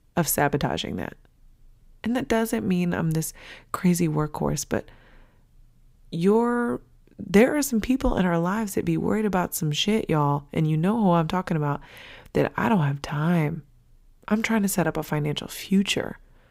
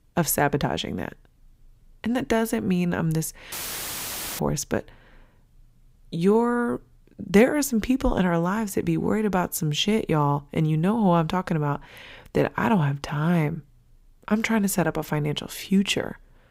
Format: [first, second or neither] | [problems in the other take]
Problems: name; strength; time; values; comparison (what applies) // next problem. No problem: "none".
first | audio cutting out; filled with static; at 3.5 s for 1 s